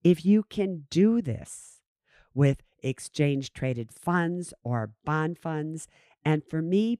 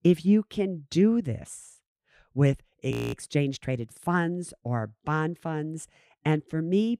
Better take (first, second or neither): first